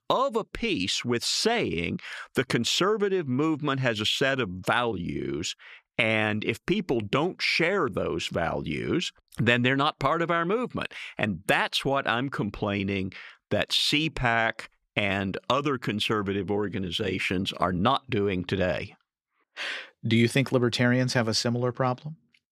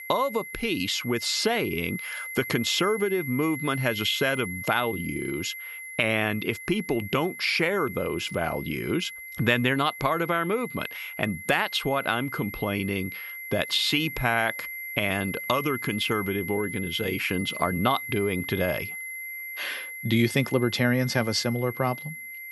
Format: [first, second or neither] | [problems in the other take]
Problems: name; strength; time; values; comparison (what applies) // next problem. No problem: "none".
first | high-pitched whine; loud; throughout; 2 kHz, 9 dB below the speech